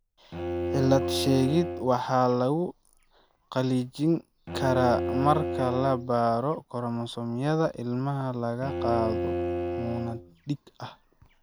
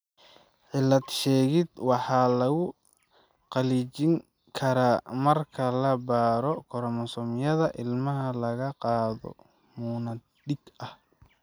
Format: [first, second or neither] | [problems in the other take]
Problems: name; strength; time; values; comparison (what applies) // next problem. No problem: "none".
second | background sound (Bowed string instrument); 6 dB below the speech